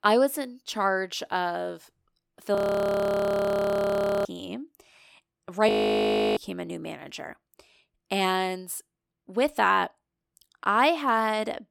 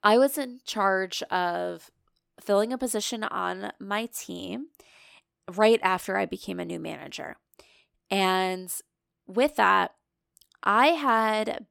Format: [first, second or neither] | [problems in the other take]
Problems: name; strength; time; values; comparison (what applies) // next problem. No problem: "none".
second | audio freezing; at 2.5 s for 1.5 s and at 5.5 s for 0.5 s